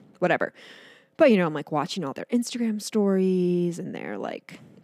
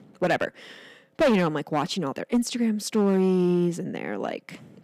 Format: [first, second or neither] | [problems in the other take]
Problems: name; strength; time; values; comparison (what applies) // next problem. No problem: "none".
first | distortion; slight; 6% of the sound clipped